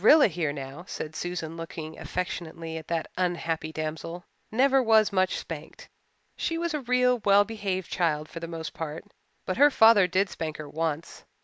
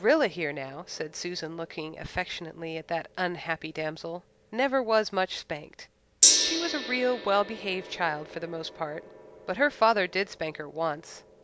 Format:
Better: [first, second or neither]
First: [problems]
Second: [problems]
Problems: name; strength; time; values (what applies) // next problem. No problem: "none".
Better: first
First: none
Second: background sound (Gong); 4 dB below the speech